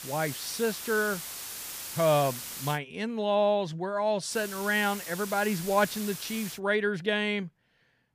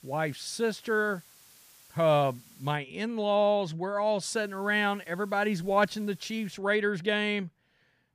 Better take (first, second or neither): second